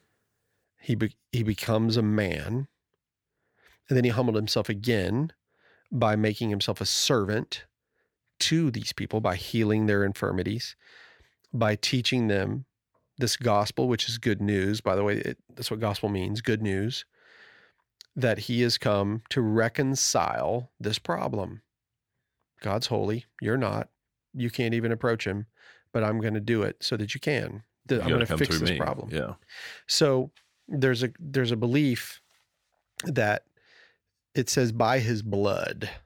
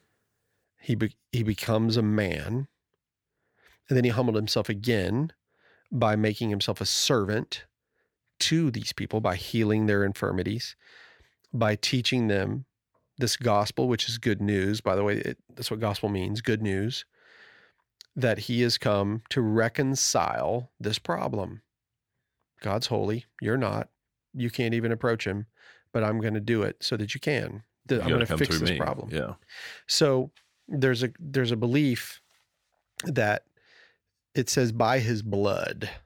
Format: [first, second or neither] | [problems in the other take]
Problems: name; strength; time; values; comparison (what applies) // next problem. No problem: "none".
neither | none